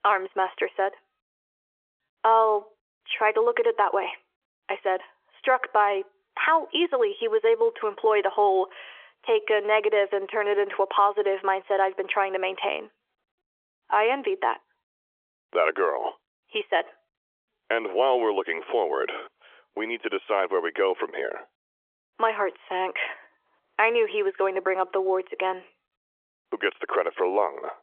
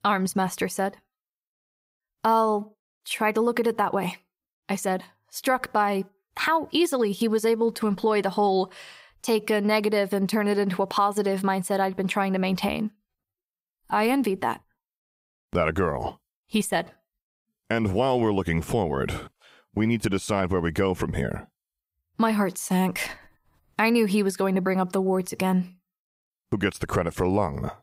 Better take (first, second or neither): second